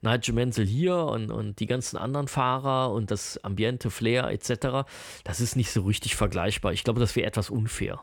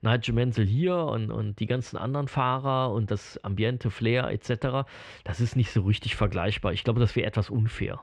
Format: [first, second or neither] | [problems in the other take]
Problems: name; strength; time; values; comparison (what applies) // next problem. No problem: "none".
first | muffled; slightly; fading above 3 kHz